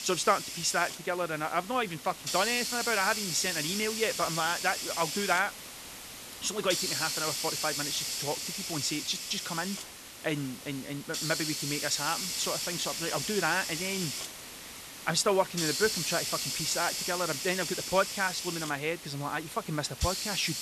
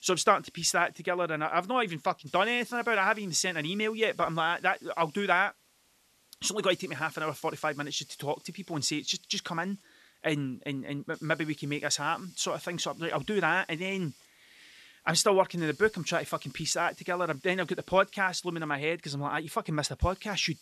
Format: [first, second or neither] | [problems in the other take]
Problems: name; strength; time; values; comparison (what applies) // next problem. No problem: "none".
second | hiss; loud; throughout; 2 dB below the speech; faint in the second